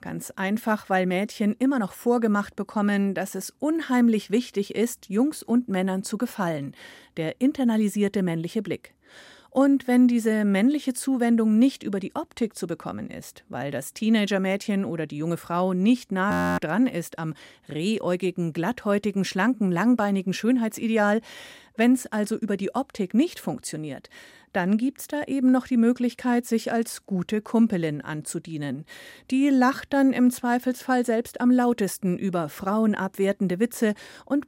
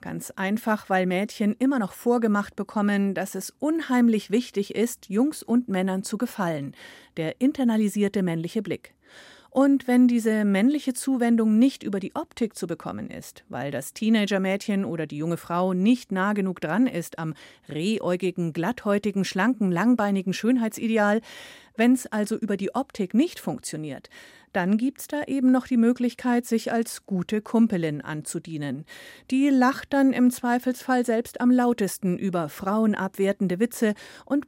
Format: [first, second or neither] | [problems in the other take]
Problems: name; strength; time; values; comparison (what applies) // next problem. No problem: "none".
second | audio freezing; at 16 s